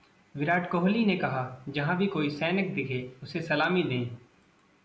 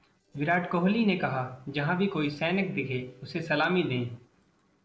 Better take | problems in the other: first | noise reduction (neural separator model SepFormer DNS4)

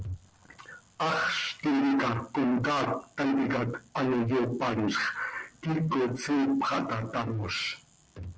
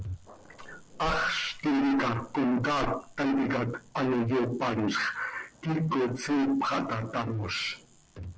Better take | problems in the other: first | background sound (Growling); 19 dB below the speech

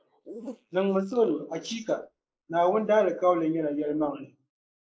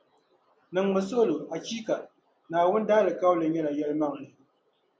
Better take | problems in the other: second | noise reduction (neural mask model Resemble Enhance denoiser)

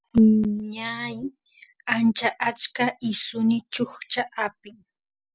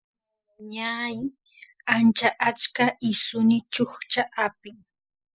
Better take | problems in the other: first | noise reduction (neural mask model Resemble Enhance denoiser)

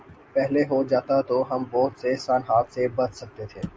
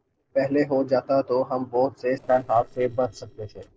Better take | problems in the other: first | noise reduction (neural separator model SepFormer DNS4)

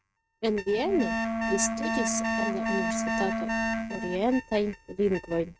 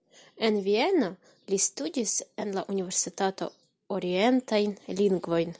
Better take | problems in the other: second | noise reduction (neural mask model RNNoise)

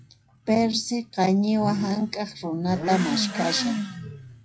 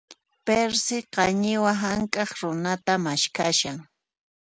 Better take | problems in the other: second | noise reduction (classical method WPE with log-MMSE)

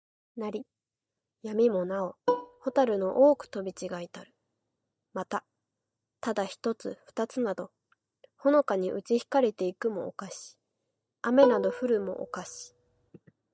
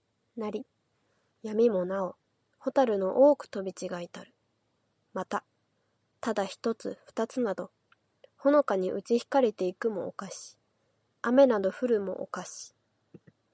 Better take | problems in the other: second | noise reduction (neural mask model DeepFilterNet 3)

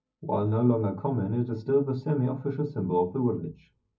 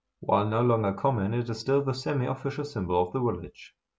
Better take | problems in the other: second | room echo; dies away in 0.4 s

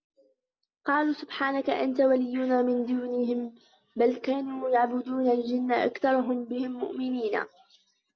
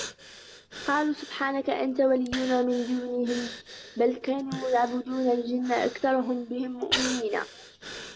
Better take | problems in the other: first | background sound (Breathing); 11 dB below the speech

